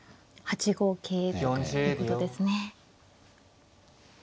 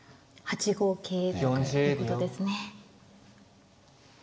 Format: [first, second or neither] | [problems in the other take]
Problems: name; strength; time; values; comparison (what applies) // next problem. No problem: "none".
first | room echo; dies away in 1.2 s